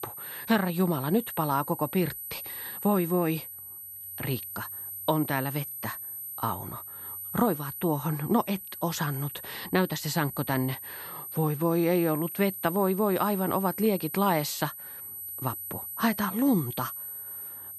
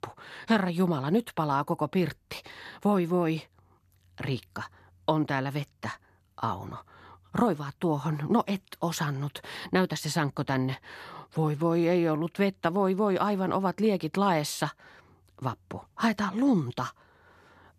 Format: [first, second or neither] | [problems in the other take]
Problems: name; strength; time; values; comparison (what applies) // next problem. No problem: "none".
second | high-pitched whine; loud; throughout; 12 kHz, 8 dB below the speech